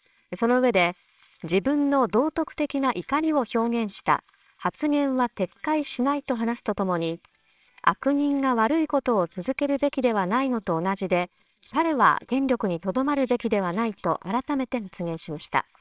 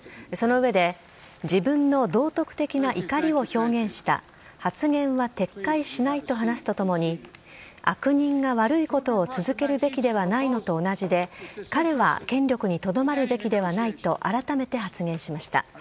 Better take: second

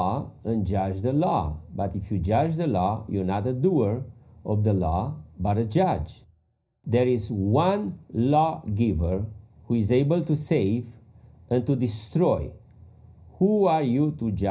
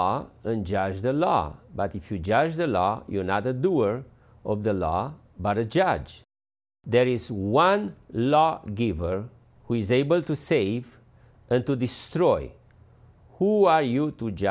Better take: second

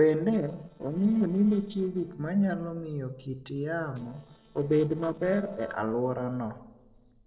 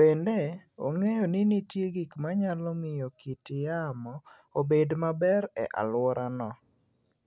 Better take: second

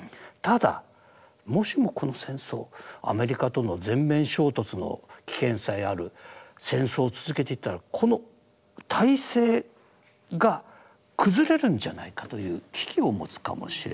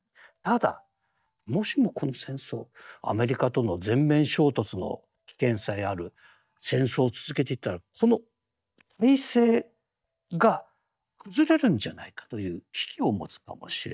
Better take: first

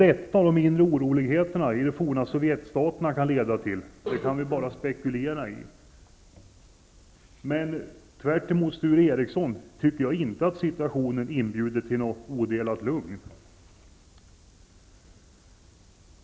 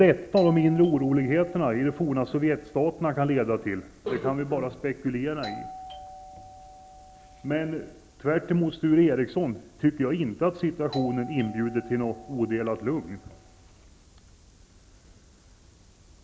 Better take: first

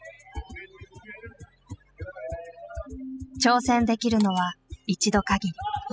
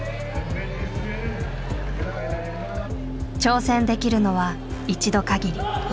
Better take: second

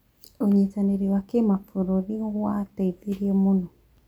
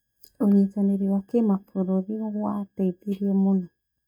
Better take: first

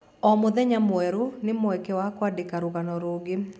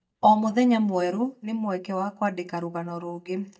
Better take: first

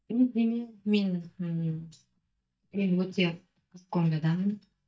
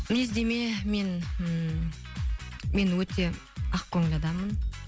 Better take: second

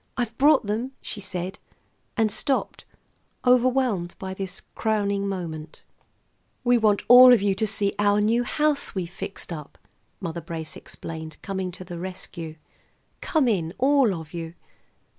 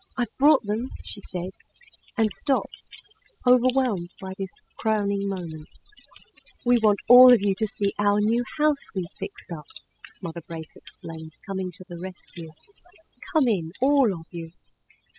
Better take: first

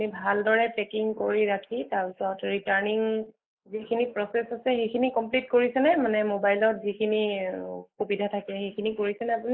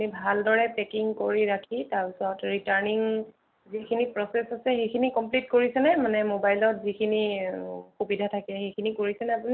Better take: second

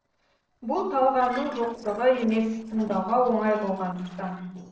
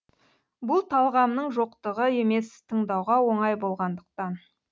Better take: second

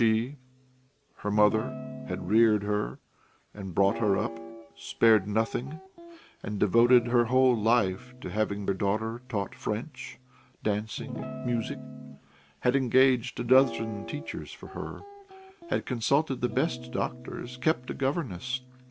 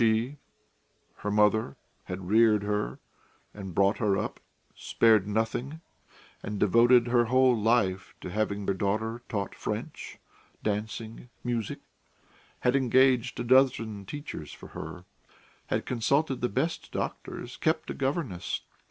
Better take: second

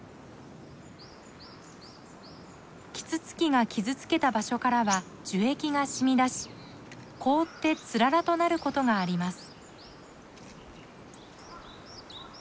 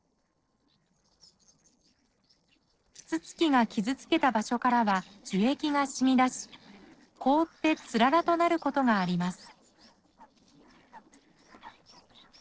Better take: first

